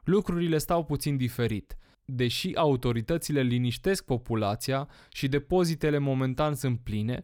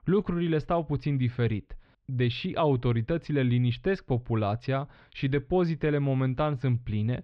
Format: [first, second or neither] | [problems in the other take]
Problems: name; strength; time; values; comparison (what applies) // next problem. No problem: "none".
first | muffled; slightly; fading above 3.5 kHz